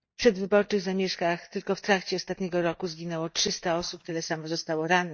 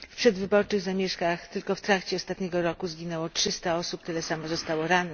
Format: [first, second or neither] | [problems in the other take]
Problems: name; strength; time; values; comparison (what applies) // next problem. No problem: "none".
second | noise reduction (neural mask model DeepFilterNet 3)